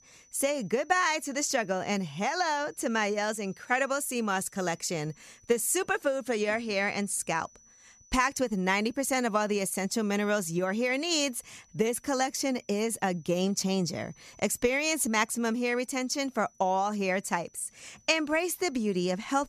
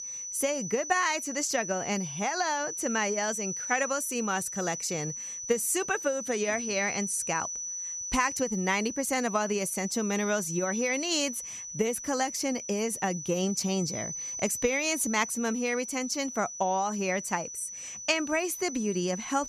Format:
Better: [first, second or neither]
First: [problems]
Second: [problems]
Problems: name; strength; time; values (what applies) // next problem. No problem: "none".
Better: first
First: high-pitched whine; faint; throughout; 6 kHz, 30 dB below the speech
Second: high-pitched whine; loud; throughout; 6 kHz, 6 dB below the speech